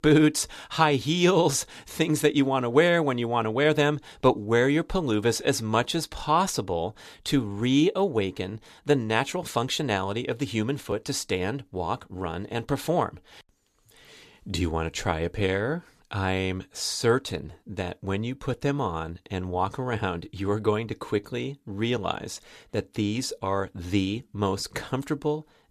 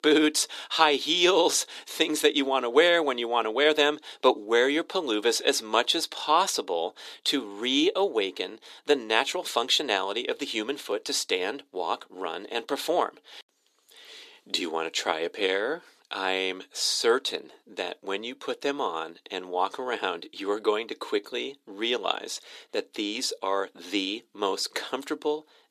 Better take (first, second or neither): first